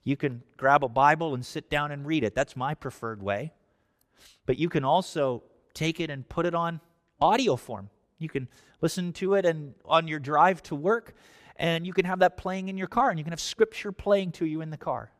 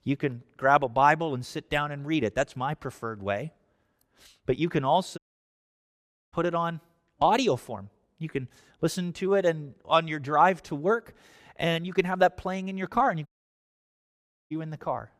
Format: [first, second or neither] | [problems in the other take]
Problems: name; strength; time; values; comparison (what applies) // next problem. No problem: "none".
first | audio cutting out; at 5 s for 1 s and at 13 s for 1 s